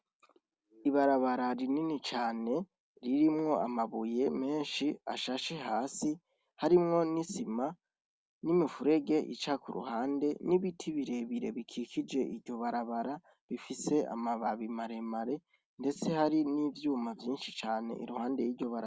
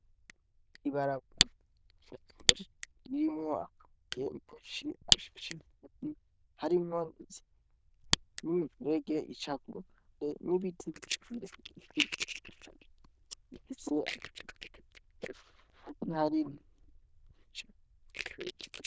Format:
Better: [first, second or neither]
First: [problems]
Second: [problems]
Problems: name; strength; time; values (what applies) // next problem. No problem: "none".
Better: first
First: none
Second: noise reduction (neural diffusion model UNIVERSE++)